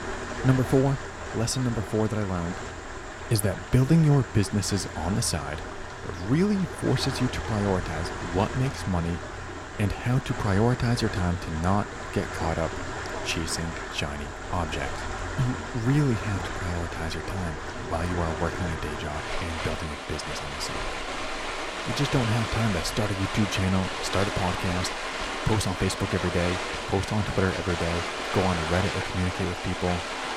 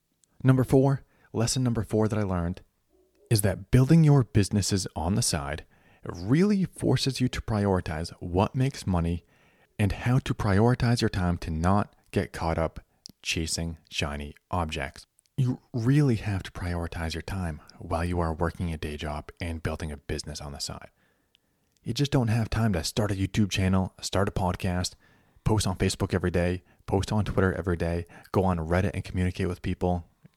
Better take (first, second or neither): second